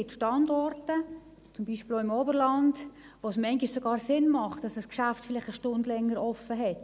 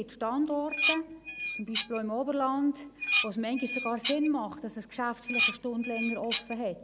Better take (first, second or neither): first